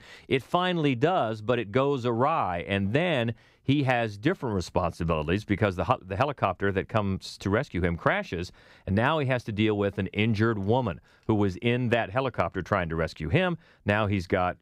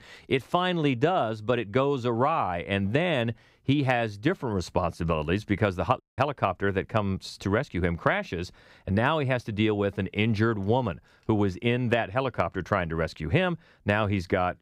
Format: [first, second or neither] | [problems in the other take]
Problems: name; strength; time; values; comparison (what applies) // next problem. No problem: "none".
first | audio cutting out; at 6 s